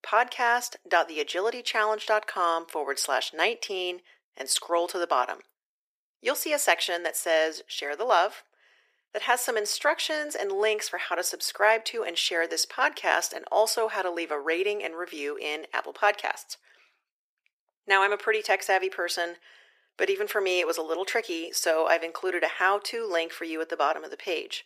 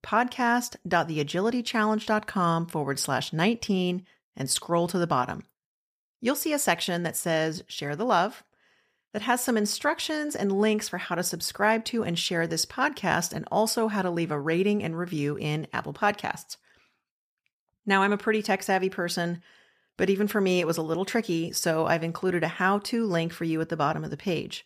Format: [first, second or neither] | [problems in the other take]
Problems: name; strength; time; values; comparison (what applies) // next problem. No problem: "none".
second | thin; very; fading below 350 Hz